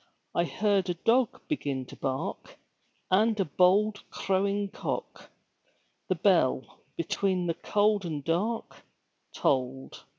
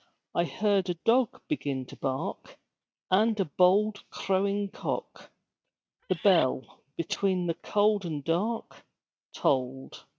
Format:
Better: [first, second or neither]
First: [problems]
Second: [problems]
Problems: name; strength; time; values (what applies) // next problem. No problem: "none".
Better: first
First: none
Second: noise reduction (neural mask model RNNoise)